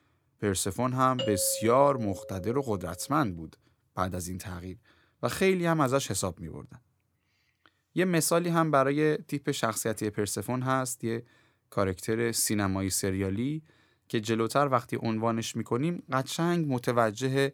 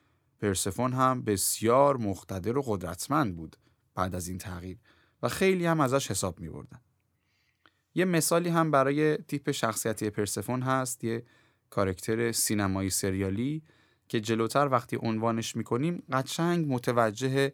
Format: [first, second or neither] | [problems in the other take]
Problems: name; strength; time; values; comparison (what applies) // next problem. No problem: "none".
second | doorbell; noticeable; from 1 to 2.5 s; peak 5 dB below the speech